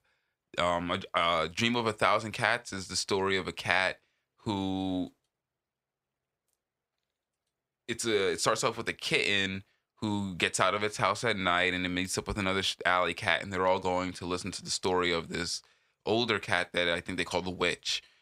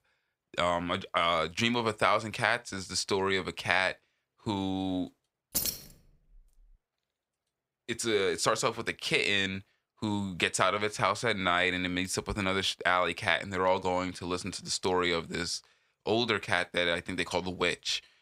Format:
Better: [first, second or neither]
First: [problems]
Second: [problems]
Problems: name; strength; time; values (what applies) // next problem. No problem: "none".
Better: first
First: none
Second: jangling keys; noticeable; at 5.5 s; peak 1 dB below the speech